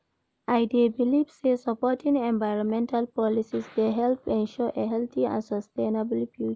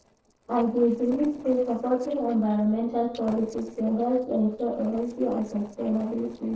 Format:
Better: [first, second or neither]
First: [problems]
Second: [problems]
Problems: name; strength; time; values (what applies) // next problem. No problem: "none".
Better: first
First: none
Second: noise reduction (neural separator model SepFormer DNS4)